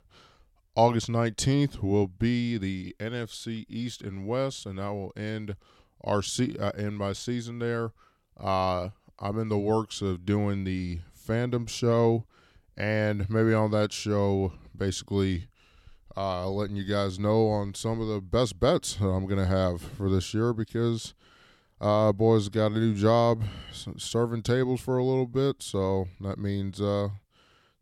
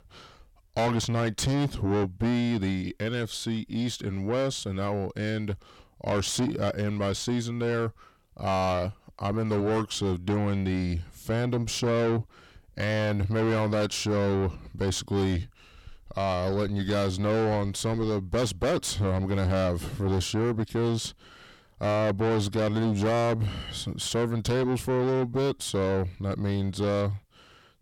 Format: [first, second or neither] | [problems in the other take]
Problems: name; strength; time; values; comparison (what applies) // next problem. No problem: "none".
first | distortion; heavy; 6 dB below the speech